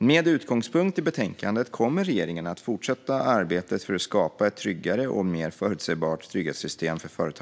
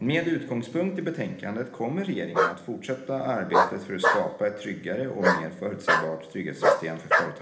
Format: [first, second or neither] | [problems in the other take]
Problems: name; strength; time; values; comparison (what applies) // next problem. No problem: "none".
first | background sound (Bark); 1 dB above the speech // room echo; dies away in 1.1 s